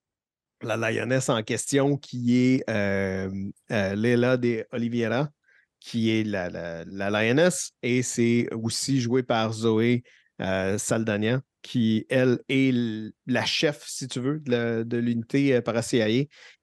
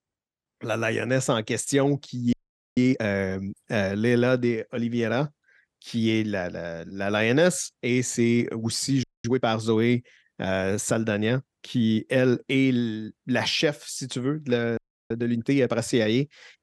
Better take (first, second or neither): first